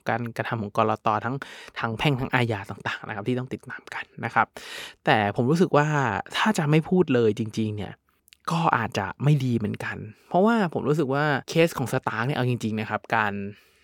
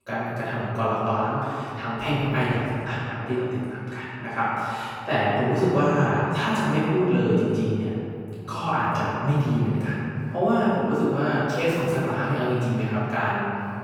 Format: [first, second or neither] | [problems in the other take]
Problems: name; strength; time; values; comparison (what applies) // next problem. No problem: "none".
first | off-mic speech; far // room echo; strong; dies away in 2.5 s